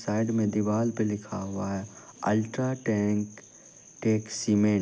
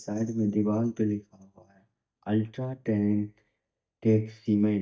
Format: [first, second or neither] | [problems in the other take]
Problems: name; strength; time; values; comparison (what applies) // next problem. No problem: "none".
first | noise reduction (neural mask model DeepFilterNet 3)